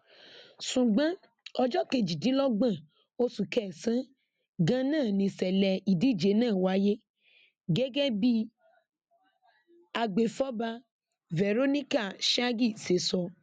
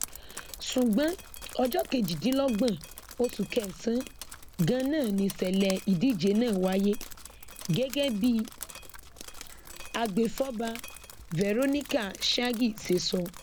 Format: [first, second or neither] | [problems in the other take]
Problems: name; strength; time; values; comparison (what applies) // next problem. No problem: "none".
first | background sound (Drip); 14 dB below the speech